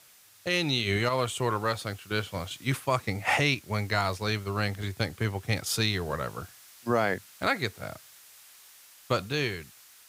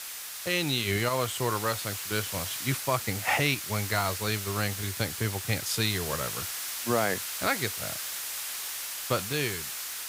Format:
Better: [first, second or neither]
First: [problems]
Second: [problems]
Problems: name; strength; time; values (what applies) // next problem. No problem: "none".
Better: first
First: hiss; faint; throughout; 20 dB below the speech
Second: hiss; loud; throughout; 4 dB below the speech